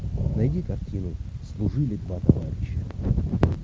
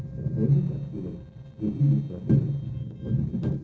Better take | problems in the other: first | noise reduction (neural separator model SepFormer DNS4)

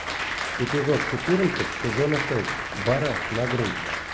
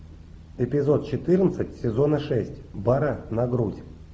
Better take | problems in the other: second | background sound (Applause); 3 dB below the speech

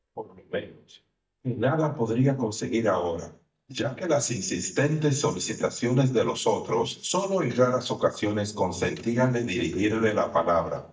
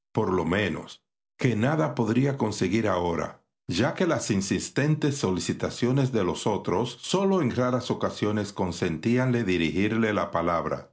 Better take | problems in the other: second | noise reduction (neural mask model DeepFilterNet 3)

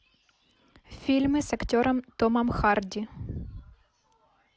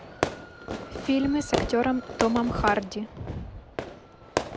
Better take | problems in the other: first | background sound (Fireworks); 5 dB below the speech

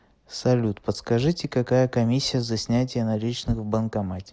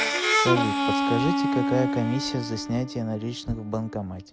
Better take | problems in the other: first | background sound (Harmonica); 2 dB above the speech

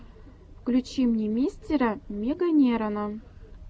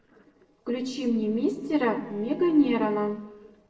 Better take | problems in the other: first | noise reduction (neural separator model SepFormer DNS4)

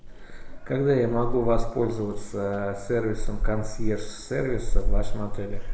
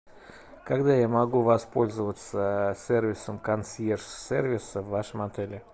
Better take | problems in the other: second | background sound (Meow / Purr); 2 dB above the speech // room echo; dies away in 0.8 s

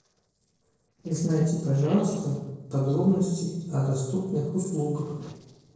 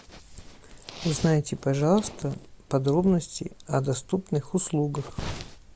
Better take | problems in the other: second | noise reduction (neural separator model SepFormer DNS4)

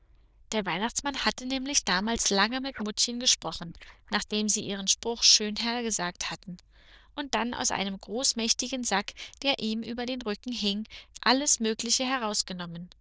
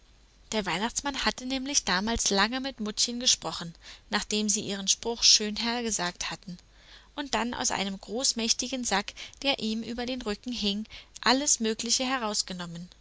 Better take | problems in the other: second | noise reduction (neural diffusion model UNIVERSE++)

